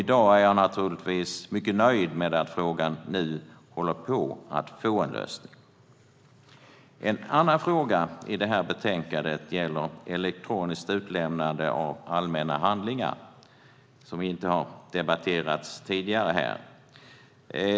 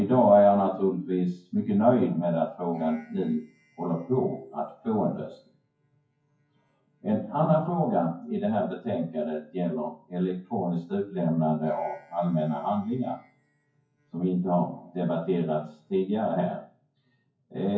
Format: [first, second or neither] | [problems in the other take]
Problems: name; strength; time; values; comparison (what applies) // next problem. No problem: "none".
first | noise reduction (classical method WPE with log-MMSE)